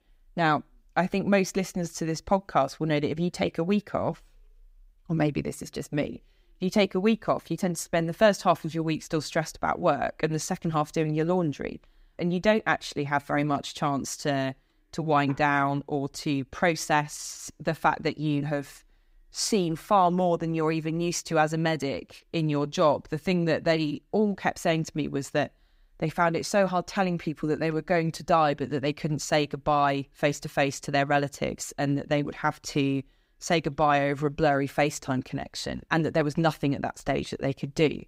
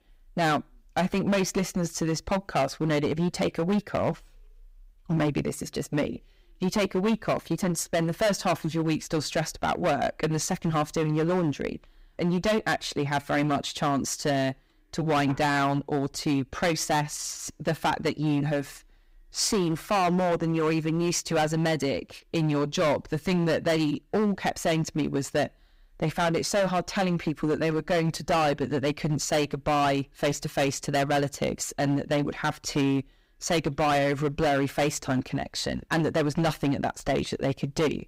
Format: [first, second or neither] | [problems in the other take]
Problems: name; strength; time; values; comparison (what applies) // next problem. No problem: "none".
first | distortion; heavy; 12% of the sound clipped